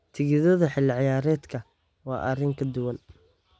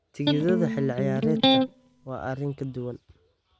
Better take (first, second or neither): first